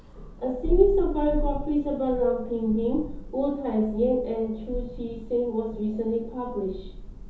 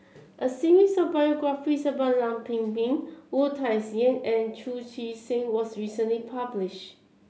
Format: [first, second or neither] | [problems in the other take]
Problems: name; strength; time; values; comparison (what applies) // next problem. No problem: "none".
second | background sound (Thunder); 7 dB below the speech // room echo; dies away in 0.5 s